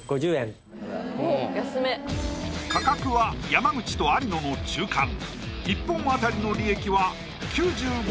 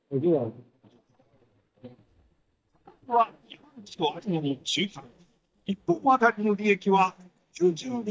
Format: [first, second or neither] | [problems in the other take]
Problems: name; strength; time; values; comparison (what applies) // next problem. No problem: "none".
first | noise reduction (neural mask model DeepFilterNet 3)